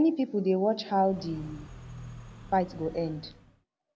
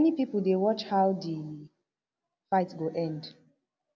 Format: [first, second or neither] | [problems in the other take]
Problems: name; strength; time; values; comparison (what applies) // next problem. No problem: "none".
second | background sound (Car); 16 dB below the speech